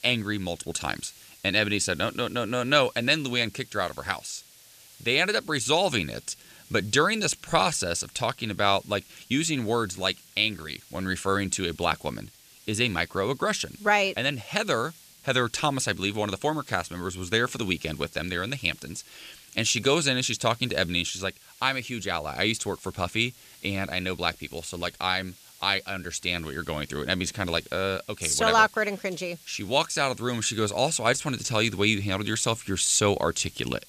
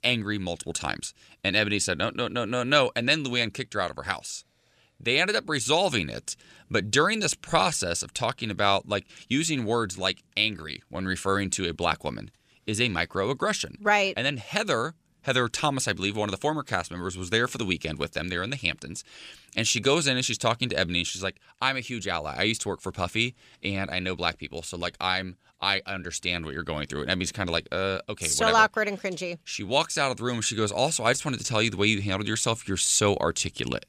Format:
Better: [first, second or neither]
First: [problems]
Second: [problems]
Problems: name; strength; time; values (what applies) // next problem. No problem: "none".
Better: second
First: hiss; faint; throughout; 25 dB below the speech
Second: none